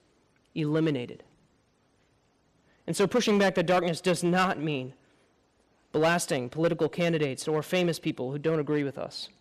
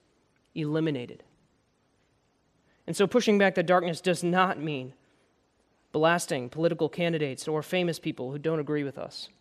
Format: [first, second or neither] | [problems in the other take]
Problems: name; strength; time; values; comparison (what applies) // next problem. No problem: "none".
second | distortion; slight; 4% of the sound clipped